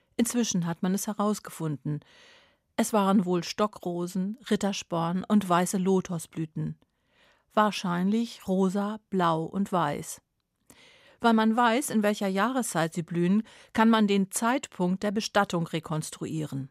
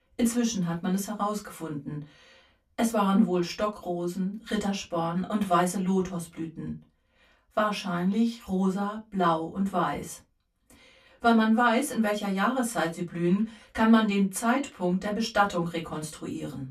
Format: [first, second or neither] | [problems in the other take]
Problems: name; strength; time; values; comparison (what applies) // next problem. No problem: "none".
first | off-mic speech; far // room echo; very slight; dies away in 0.2 s